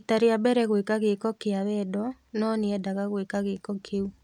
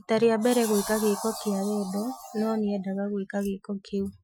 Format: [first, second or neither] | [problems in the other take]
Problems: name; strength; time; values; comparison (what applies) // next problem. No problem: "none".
first | noise reduction (classical method Wiener filter)